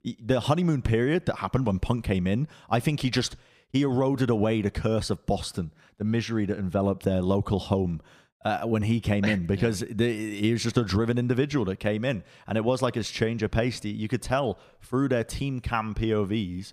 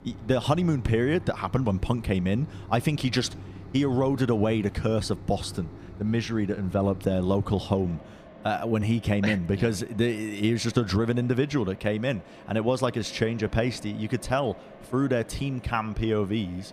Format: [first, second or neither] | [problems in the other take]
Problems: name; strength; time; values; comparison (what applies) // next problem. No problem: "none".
first | machinery noise; noticeable; throughout; 20 dB below the speech